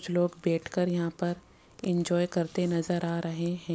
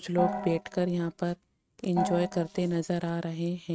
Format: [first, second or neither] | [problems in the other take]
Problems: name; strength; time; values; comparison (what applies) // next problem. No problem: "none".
first | noise reduction (neural mask model RNNoise)